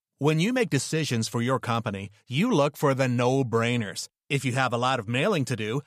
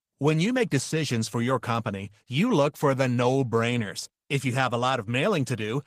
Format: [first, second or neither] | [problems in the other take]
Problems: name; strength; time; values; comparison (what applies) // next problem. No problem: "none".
first | garbled, watery; slightly; nothing above 15 kHz